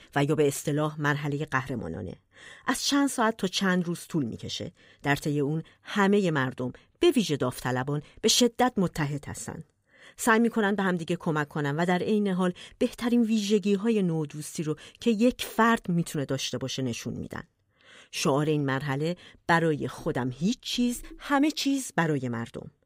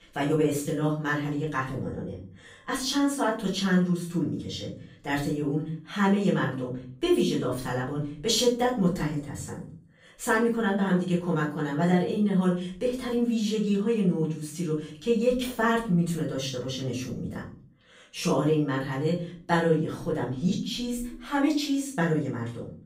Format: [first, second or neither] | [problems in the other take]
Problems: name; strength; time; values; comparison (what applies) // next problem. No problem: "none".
first | off-mic speech; far // room echo; slight; dies away in 0.4 s